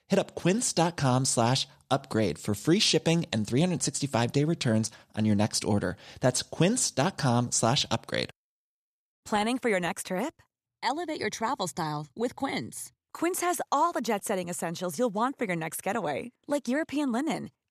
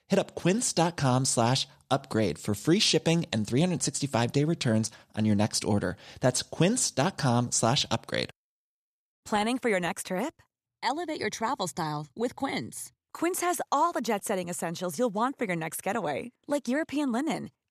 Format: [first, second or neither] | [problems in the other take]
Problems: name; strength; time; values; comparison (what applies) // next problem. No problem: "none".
neither | none